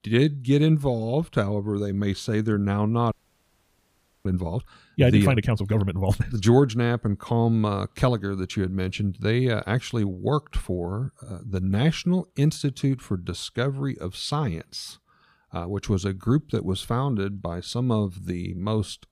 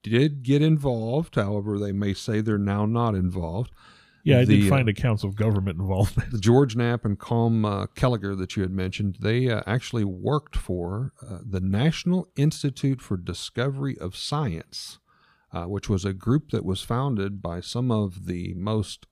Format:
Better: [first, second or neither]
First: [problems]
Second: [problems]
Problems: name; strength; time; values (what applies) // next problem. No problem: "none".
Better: second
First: audio freezing; at 3 s for 1 s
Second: none